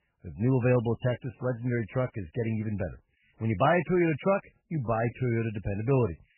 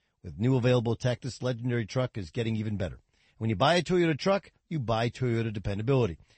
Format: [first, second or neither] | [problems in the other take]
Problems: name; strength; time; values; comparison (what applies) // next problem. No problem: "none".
second | garbled, watery; badly; nothing above 3 kHz; slightly in the second